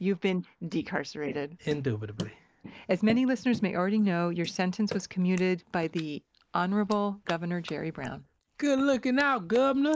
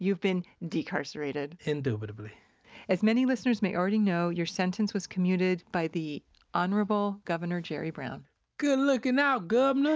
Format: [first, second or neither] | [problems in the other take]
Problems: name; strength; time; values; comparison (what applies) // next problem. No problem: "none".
second | noise reduction (neural mask model Resemble Enhance denoiser)